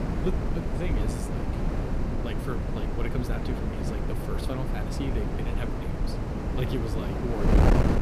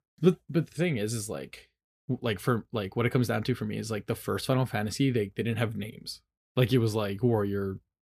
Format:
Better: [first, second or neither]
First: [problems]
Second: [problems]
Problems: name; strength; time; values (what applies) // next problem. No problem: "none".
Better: second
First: wind noise on the microphone; heavy; 4 dB above the speech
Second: none